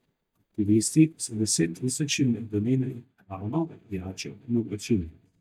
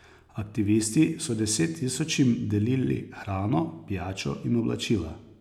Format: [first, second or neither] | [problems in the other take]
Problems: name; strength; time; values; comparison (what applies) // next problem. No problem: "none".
second | noise reduction (neural mask model DeepFilterNet 3)